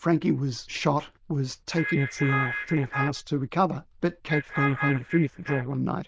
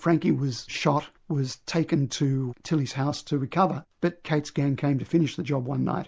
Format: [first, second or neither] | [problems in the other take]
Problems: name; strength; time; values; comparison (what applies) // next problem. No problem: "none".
second | noise reduction (neural diffusion model UNIVERSE++)